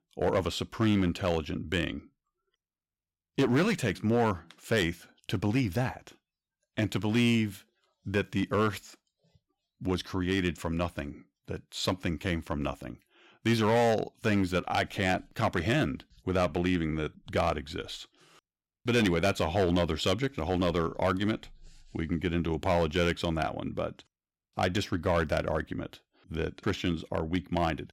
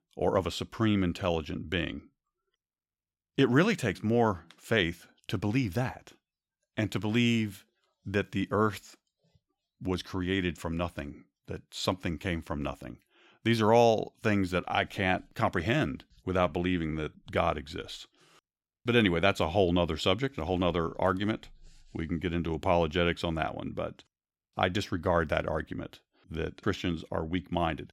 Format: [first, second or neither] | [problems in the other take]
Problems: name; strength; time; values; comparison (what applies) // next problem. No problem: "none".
second | distortion; slight; 4% of the sound clipped